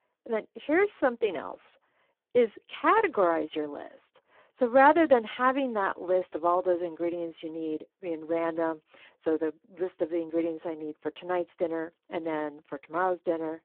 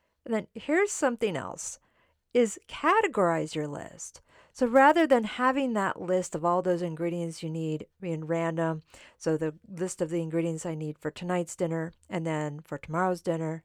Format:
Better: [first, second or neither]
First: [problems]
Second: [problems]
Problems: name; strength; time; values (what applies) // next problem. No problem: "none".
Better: second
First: phone-call audio; poor line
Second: none